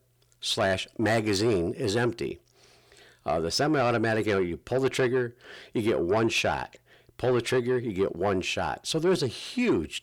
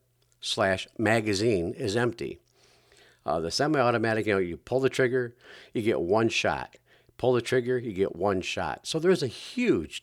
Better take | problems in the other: second | distortion; slight; 10 dB below the speech

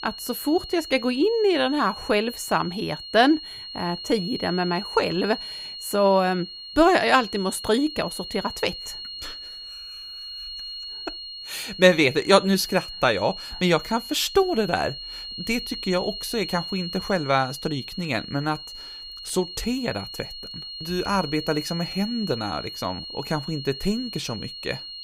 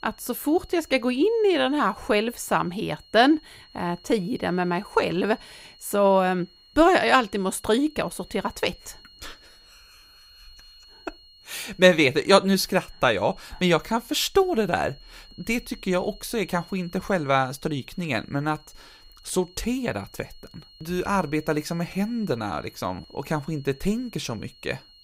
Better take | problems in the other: second | high-pitched whine; loud; throughout; 4.5 kHz, 10 dB below the speech; faint in the second

